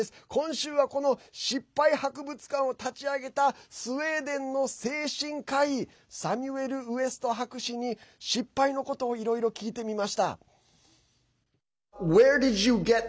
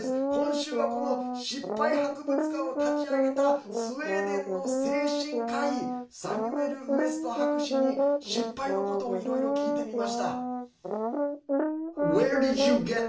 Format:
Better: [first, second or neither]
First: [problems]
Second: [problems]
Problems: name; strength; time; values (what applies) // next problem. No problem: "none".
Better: first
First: none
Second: background sound (Brass instrument); 4 dB above the speech // room echo; dies away in 0.4 s